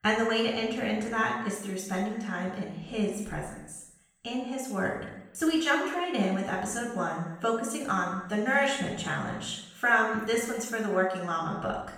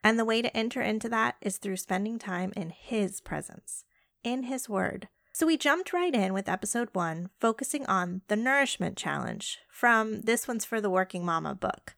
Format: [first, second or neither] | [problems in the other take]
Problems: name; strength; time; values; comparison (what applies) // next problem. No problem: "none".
second | room echo; noticeable; dies away in 0.8 s // off-mic speech; far